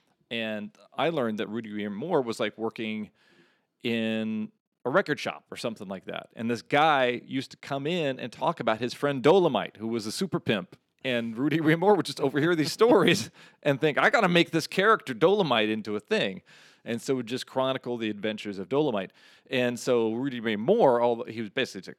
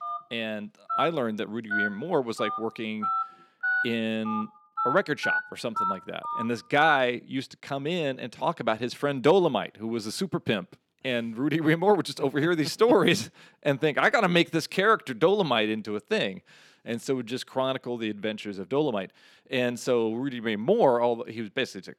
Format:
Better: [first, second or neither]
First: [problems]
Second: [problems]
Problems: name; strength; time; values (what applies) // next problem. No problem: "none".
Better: first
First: none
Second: phone ringing; loud; until 7 s; peak level with the speech